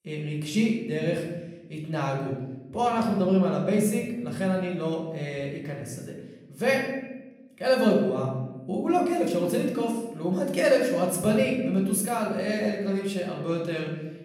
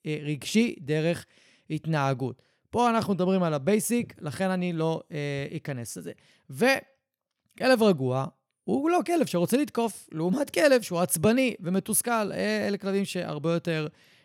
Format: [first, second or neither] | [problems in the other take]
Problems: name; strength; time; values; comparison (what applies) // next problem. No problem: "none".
second | off-mic speech; somewhat distant // room echo; noticeable; dies away in 0.9 s